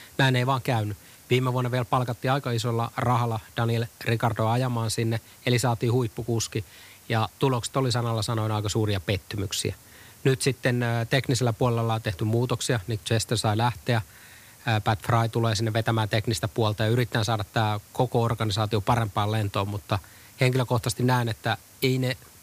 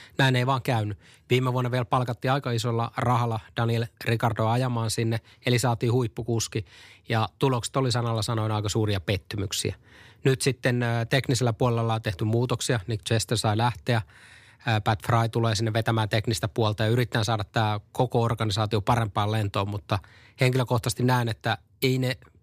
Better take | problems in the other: second | hiss; faint; throughout; 25 dB below the speech

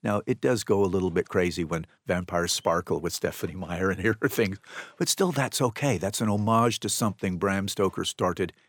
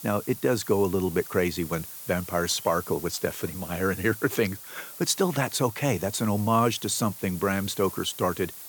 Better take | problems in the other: first | hiss; noticeable; throughout; 10 dB below the speech

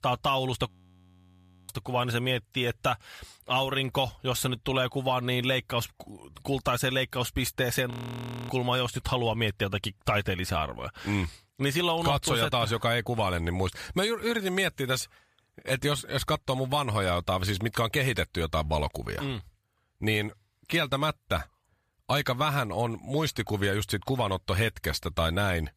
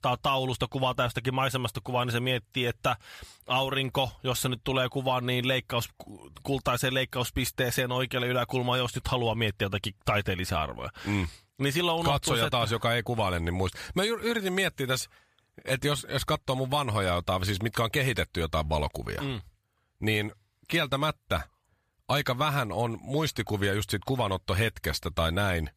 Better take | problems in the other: second | audio freezing; at 0.5 s for 1 s and at 8 s for 0.5 s

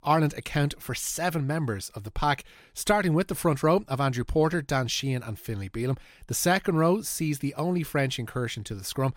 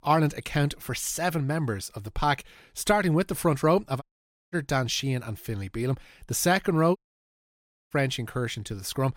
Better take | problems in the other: first | audio cutting out; at 4 s for 0.5 s and at 7 s for 1 s

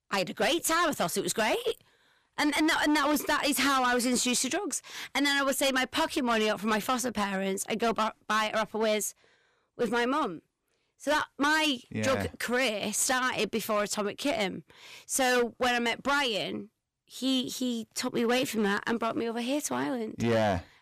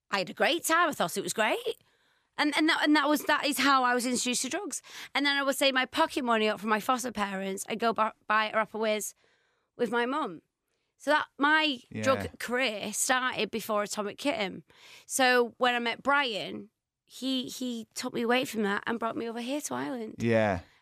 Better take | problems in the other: second | distortion; heavy; 12% of the sound clipped

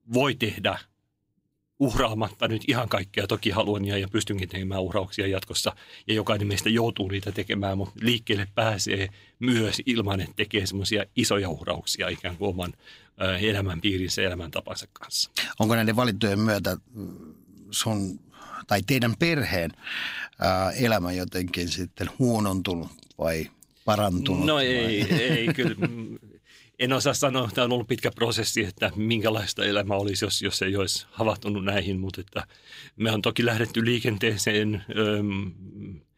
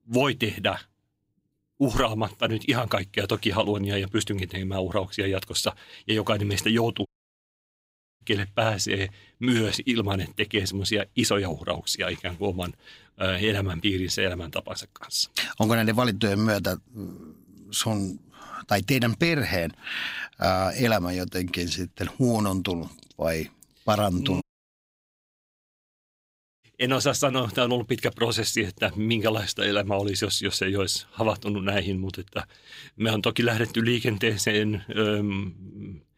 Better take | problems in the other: first | audio cutting out; at 7 s for 1 s and at 24 s for 2 s

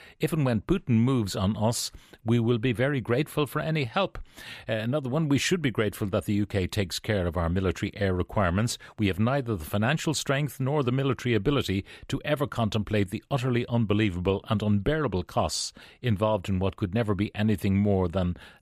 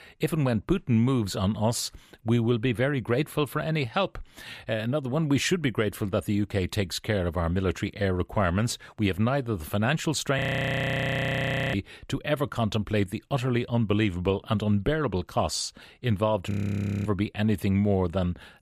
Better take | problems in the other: first | audio freezing; at 10 s for 1.5 s and at 17 s for 0.5 s

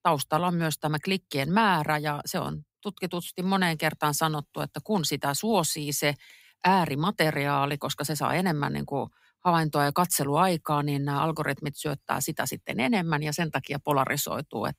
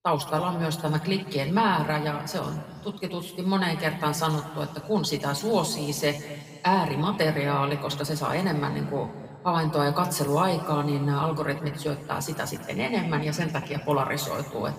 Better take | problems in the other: first | room echo; slight; dies away in 2 s

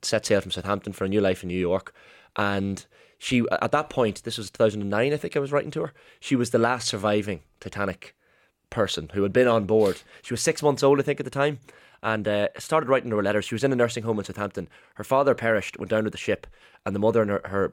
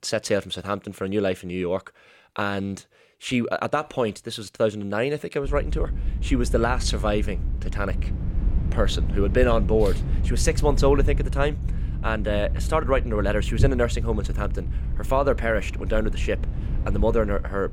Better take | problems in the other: first | low rumble; noticeable; from 5.5 s on; 15 dB below the speech

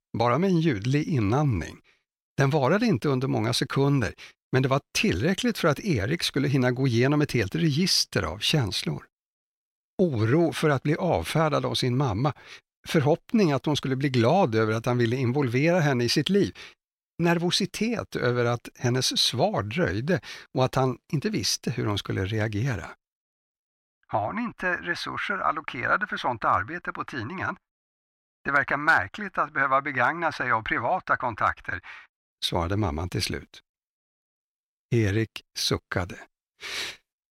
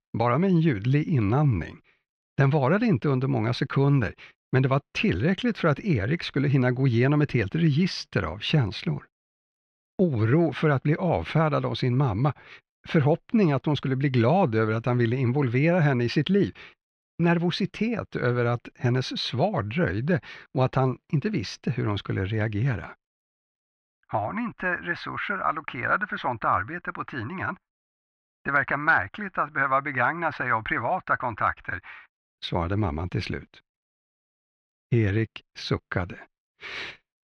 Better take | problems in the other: first | muffled; slightly; fading above 2.5 kHz

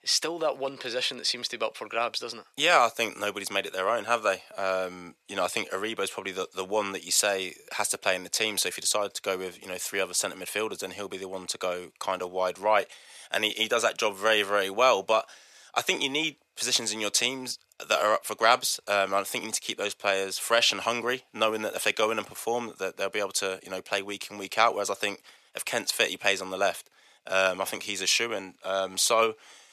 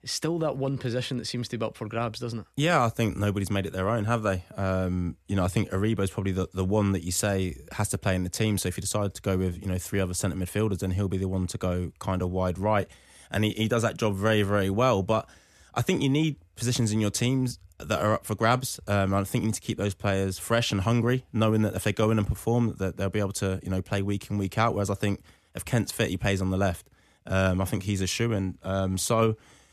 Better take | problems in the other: second | thin; very; fading below 600 Hz

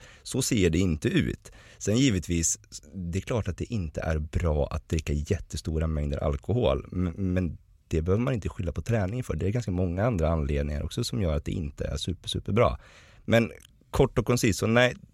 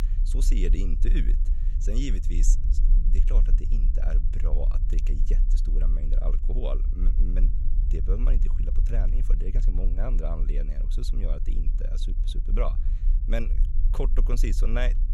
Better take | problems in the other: first | low rumble; noticeable; throughout; 10 dB below the speech

